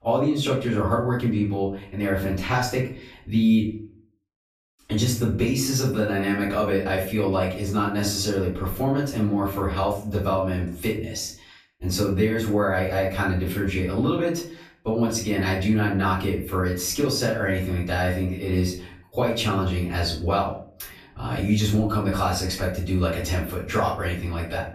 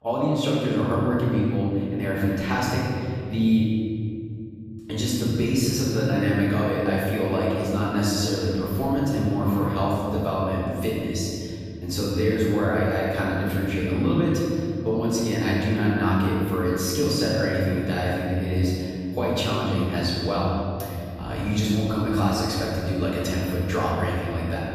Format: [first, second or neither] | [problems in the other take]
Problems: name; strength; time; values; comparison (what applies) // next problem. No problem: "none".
first | room echo; strong; dies away in 3 s; slight in the first // off-mic speech; far; far in the first